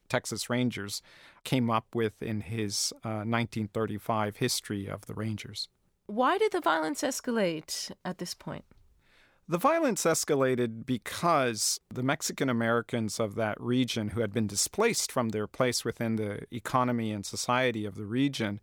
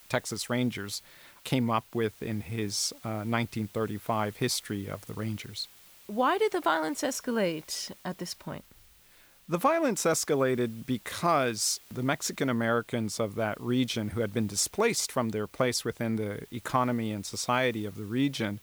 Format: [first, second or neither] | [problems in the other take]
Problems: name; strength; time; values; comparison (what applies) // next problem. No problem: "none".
first | hiss; faint; throughout; 25 dB below the speech